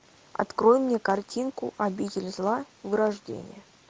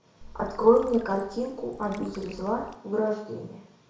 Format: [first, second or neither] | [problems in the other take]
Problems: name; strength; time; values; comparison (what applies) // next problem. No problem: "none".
first | background sound (Water / Liquid); 20 dB below the speech // room echo; dies away in 0.6 s